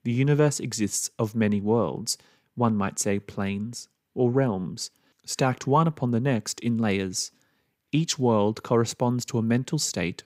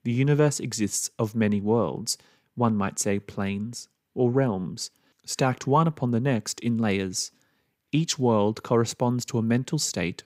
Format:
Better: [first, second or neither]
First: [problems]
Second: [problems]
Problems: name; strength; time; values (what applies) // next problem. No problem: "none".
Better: neither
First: none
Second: none